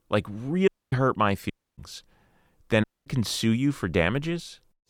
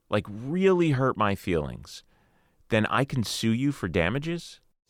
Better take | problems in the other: second | audio cutting out; at 0.5 s, at 1.5 s and at 3 s

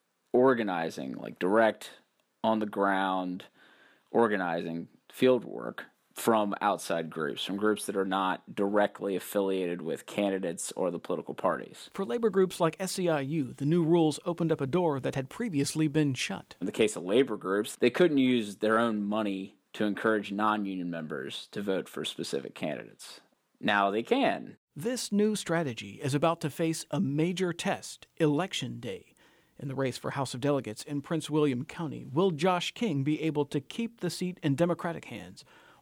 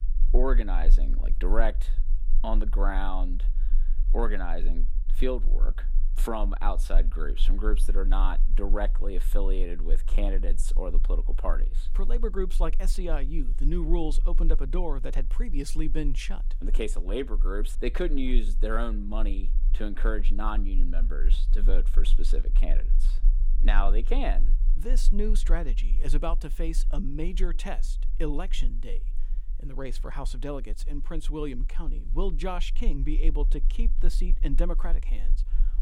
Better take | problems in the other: first | low rumble; faint; throughout; 20 dB below the speech

